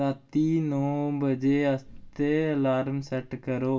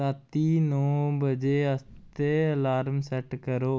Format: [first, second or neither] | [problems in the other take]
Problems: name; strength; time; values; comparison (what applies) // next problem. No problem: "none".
second | room echo; dies away in 0.1 s